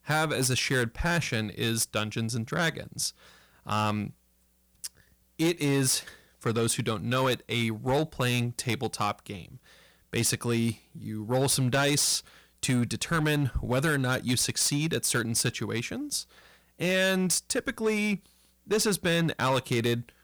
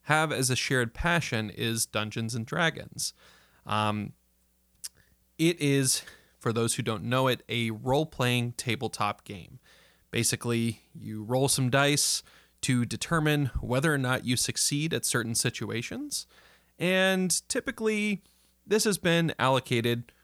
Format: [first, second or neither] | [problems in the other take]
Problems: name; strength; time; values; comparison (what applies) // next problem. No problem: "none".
second | distortion; slight; 6% of the sound clipped